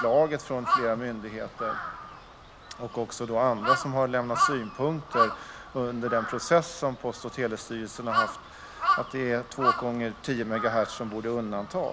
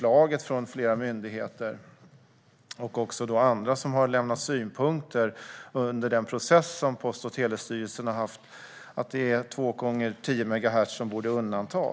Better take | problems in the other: second | background sound (Crow); 3 dB below the speech

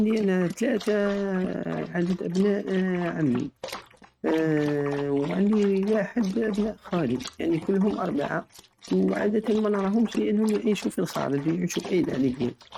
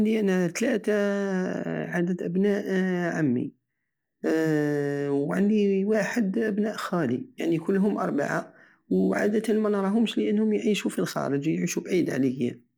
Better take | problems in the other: second | noise reduction (neural mask model RNNoise)

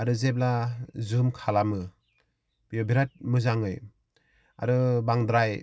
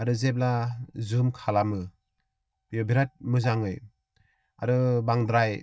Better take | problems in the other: first | noise reduction (neural mask model DeepFilterNet 3)

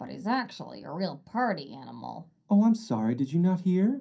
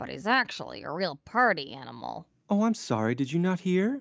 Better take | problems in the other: second | room echo; dies away in 0.3 s

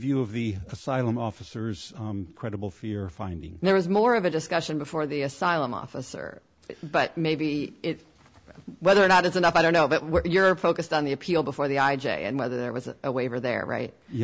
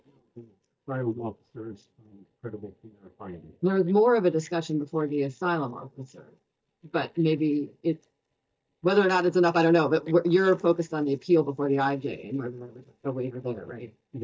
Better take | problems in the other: first | noise reduction (neural mask model DeepFilterNet 3)

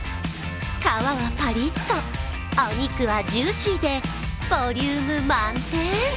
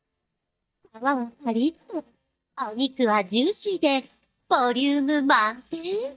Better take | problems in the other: first | noise reduction (neural mask model DeepFilterNet 3)

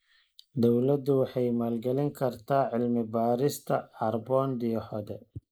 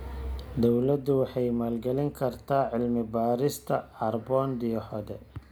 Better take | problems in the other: second | noise reduction (neural mask model Resemble Enhance denoiser)

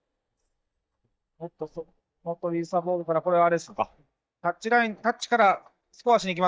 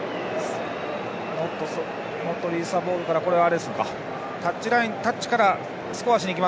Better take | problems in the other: second | noise reduction (neural mask model DeepFilterNet 3)

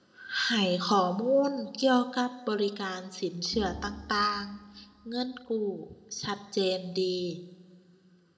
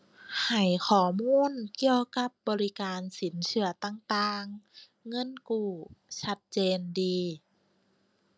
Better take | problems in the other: second | background sound (Organ); 16 dB below the speech // room echo; dies away in 0.9 s

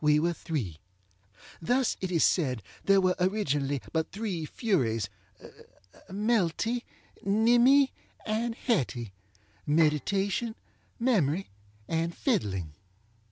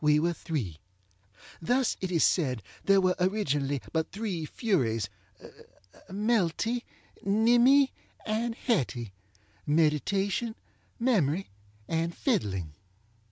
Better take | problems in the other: second | background sound (Bowed string instrument); 15 dB below the speech

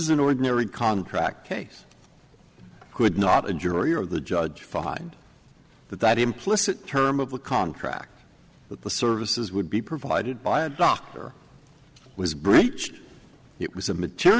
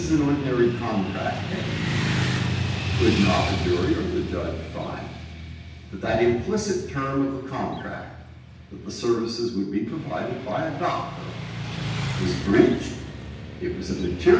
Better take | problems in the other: first | background sound (Motorcycle / Traffic noise, roadway noise); 5 dB below the speech // room echo; dies away in 0.9 s

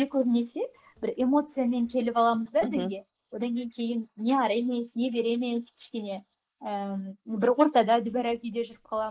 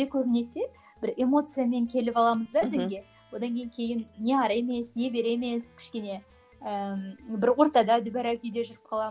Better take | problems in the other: second | noise reduction (neural mask model Resemble Enhance denoiser)

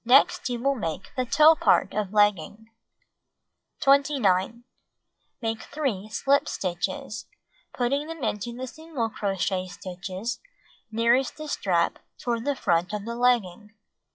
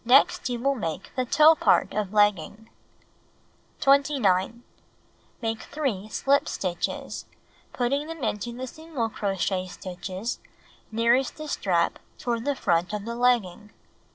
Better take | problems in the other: second | noise reduction (classical method log-MMSE)

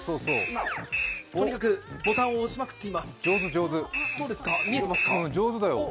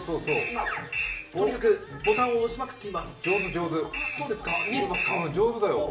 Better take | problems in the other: first | room echo; dies away in 0.4 s

